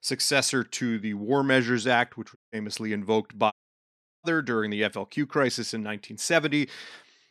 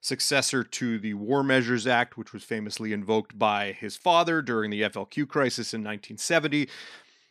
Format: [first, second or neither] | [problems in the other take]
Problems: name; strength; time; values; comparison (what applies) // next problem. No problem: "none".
second | audio cutting out; at 2.5 s and at 3.5 s for 0.5 s